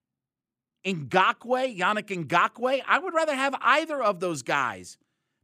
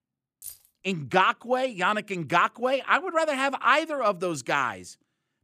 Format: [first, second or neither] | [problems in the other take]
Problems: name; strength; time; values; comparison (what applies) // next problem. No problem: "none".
first | jangling keys; faint; at 0.5 s; peak 15 dB below the speech